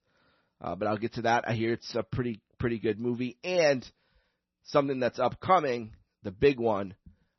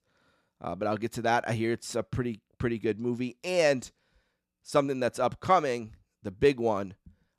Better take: second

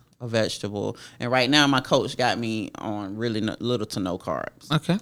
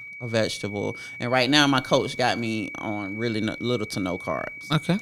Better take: first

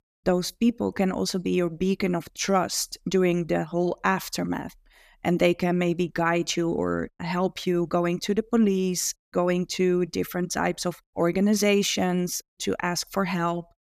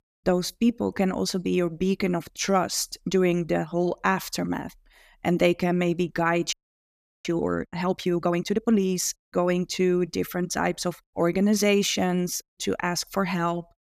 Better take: first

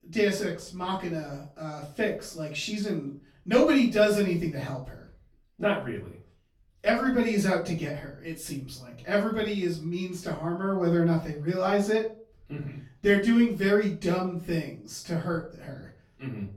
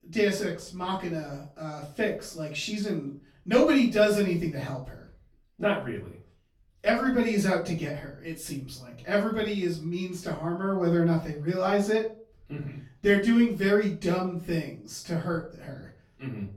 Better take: neither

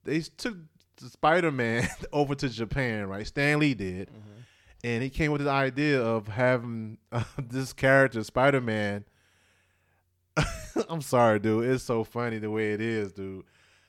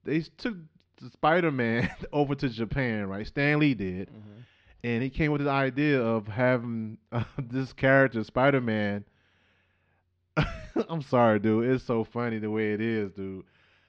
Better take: first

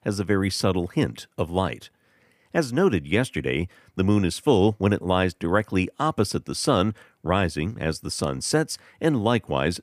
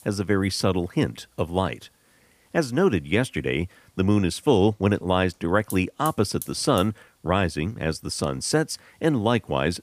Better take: first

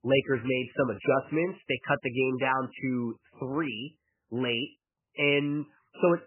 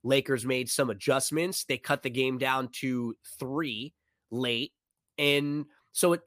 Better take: second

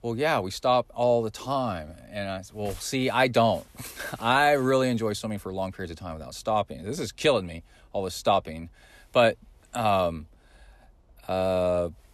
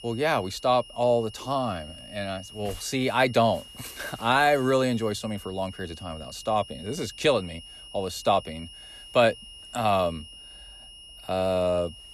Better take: first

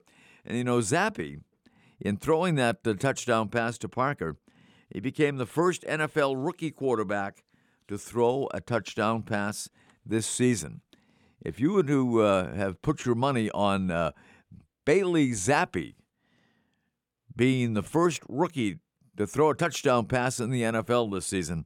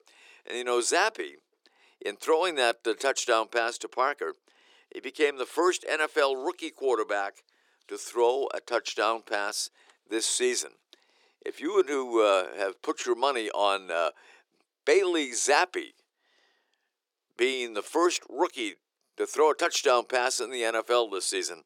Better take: first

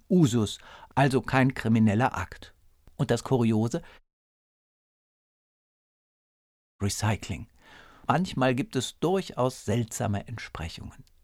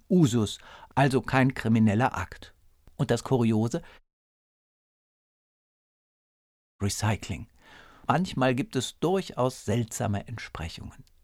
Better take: neither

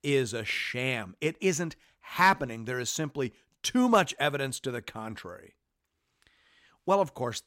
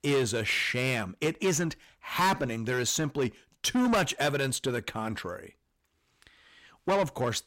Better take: first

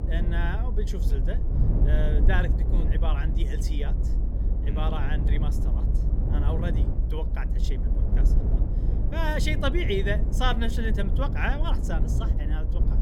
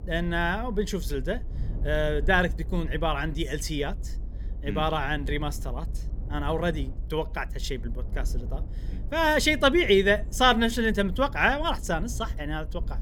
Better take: second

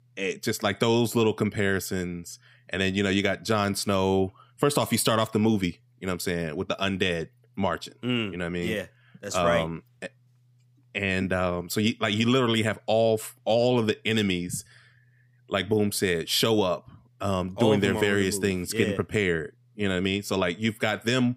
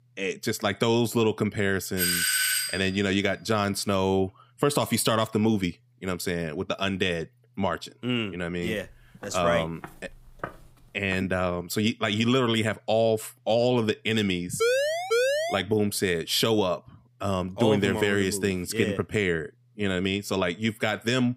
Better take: first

